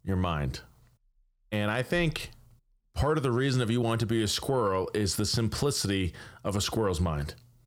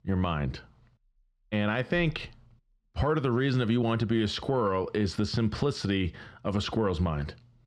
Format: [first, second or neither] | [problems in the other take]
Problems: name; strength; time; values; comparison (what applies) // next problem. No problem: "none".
first | muffled; very slightly; fading above 3 kHz